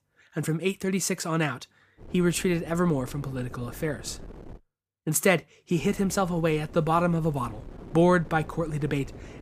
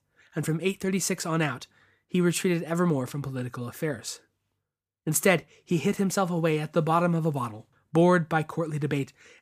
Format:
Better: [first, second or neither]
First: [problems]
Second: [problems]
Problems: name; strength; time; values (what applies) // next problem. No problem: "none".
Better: second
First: wind noise on the microphone; occasional gusts; from 2 to 4.5 s and from 6 s on; 20 dB below the speech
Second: none